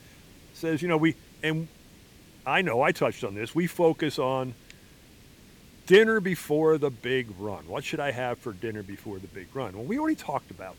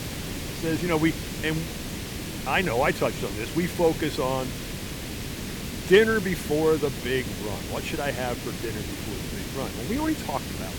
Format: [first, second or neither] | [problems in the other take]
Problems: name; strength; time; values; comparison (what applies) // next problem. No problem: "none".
first | hiss; loud; throughout; 7 dB below the speech; faint in the first